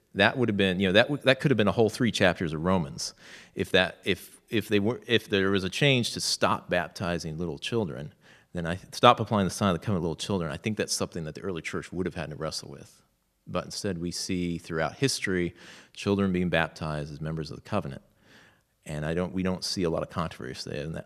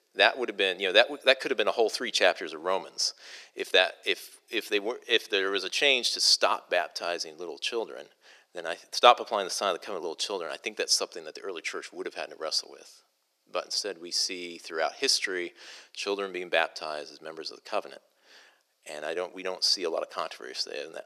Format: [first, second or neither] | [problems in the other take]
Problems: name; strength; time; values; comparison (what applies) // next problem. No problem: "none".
first | thin; very; fading below 350 Hz